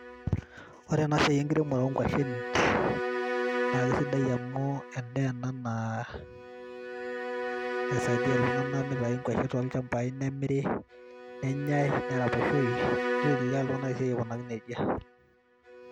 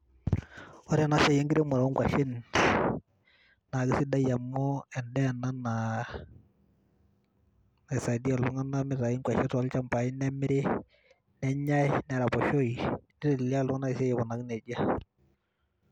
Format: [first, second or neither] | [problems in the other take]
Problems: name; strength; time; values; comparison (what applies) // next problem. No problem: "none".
second | background sound (Bowed string instrument); 4 dB below the speech